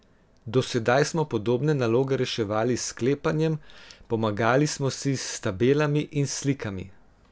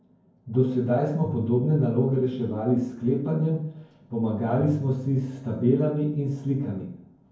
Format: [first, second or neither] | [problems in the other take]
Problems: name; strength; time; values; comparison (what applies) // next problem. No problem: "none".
first | background sound (Piano); 18 dB below the speech // room echo; dies away in 0.9 s